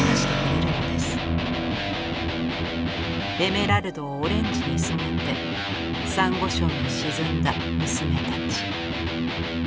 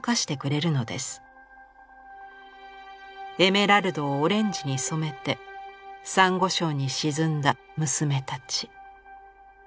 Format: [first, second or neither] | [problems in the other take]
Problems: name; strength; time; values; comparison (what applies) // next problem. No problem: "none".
second | background sound (Electric guitar + Keyboard (musical)); 5 dB above the speech